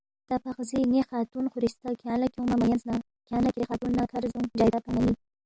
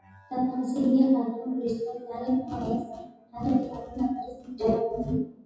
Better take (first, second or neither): first